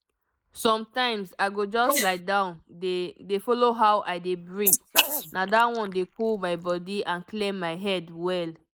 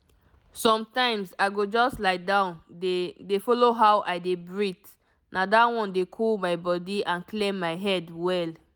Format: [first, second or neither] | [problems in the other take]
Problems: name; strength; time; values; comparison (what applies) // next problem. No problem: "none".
second | noise reduction (neural mask model Resemble Enhance denoiser)